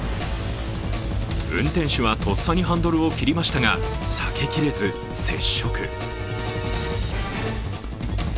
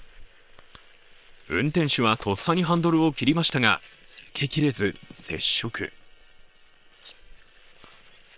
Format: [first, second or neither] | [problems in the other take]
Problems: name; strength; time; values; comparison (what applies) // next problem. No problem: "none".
first | noise reduction (neural separator model SepFormer WHAM!)